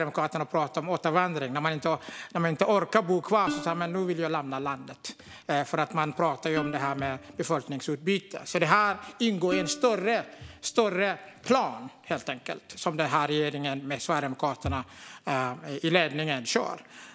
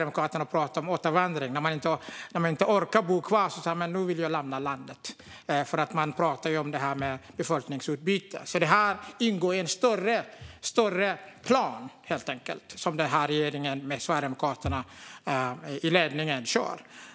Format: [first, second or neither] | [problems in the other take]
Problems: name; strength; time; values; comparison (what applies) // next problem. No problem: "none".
second | background sound (Plucked string instrument); 13 dB below the speech